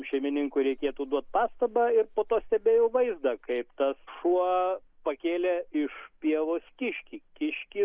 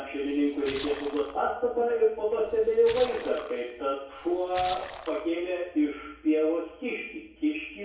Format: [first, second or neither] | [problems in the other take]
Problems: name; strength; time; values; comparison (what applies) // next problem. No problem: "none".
first | background sound (Splash, splatter); 15 dB below the speech // room echo; dies away in 0.6 s